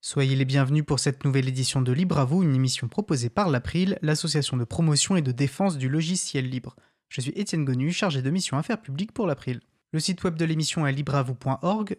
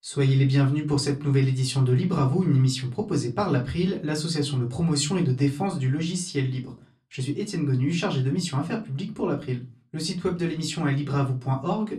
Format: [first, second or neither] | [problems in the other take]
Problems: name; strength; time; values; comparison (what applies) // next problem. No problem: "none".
first | off-mic speech; far // room echo; very slight; dies away in 0.3 s